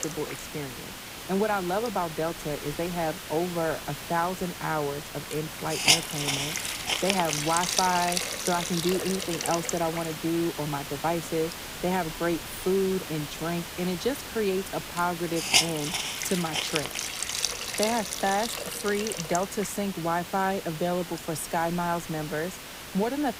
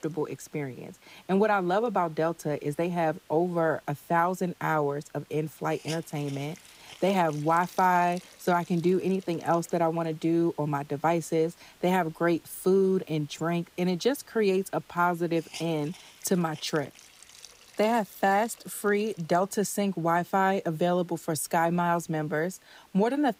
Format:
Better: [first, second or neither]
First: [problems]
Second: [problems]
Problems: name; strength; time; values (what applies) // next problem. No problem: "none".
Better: second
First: hiss; loud; throughout; 1 dB below the speech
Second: hiss; faint; throughout; 25 dB below the speech